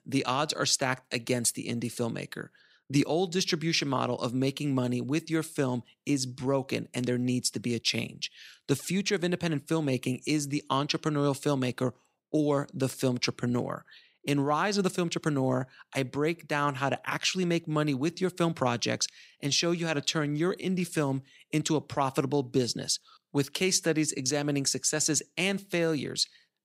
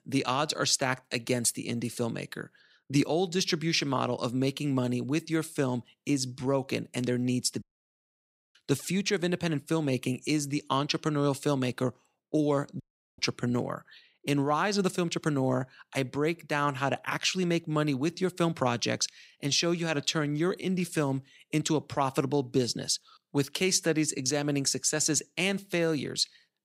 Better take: first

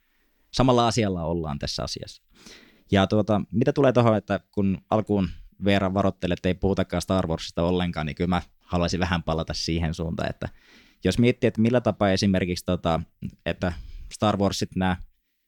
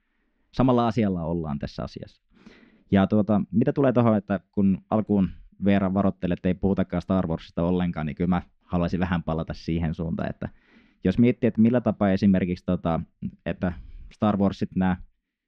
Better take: first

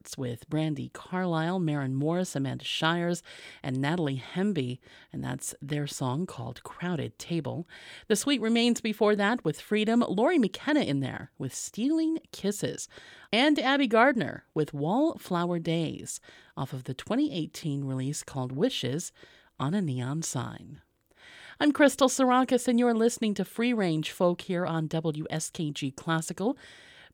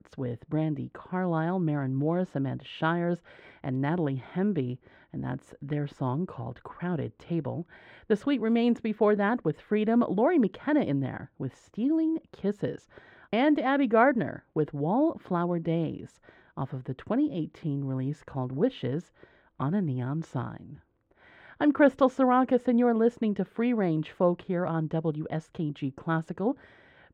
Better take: first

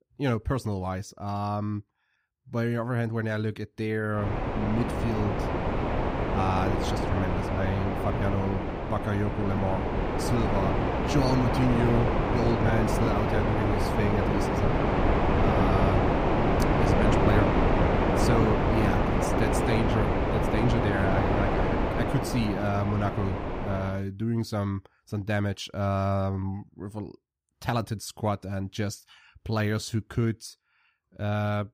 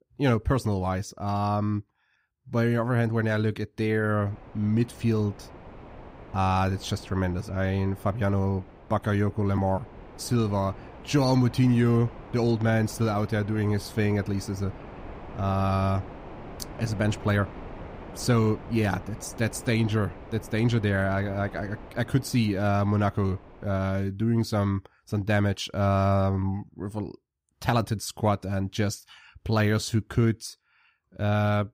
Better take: second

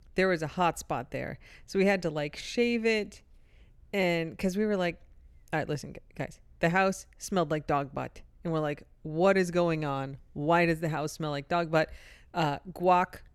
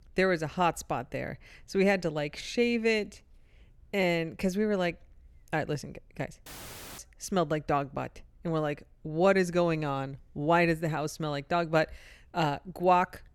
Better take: first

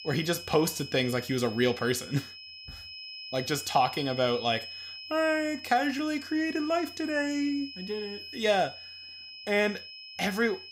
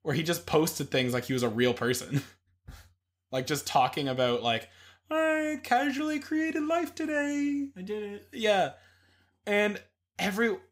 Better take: second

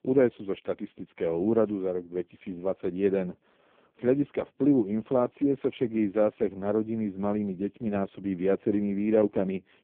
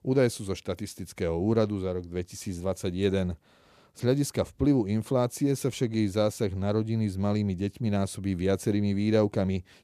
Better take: second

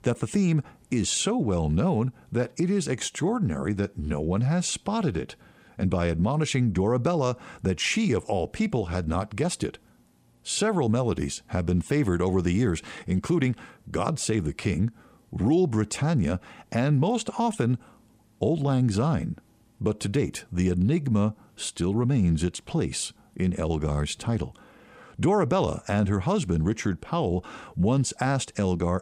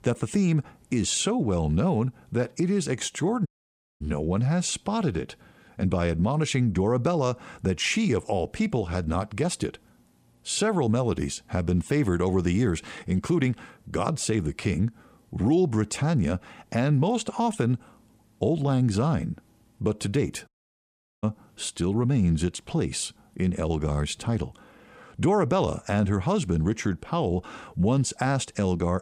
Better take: first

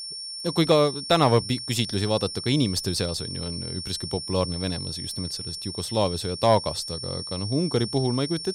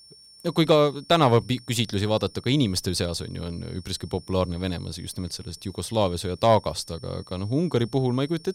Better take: second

